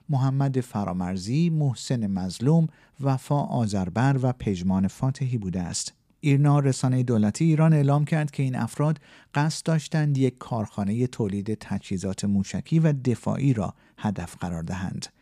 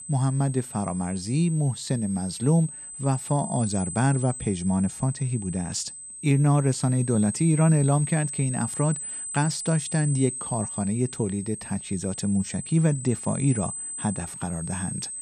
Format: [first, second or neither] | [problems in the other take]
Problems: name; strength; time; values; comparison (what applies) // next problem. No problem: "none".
first | high-pitched whine; loud; throughout; 8 kHz, 8 dB below the speech